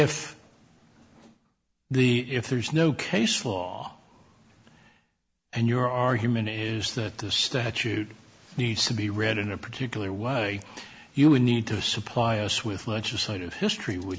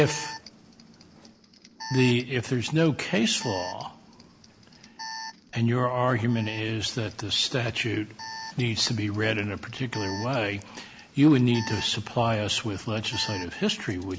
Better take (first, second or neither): first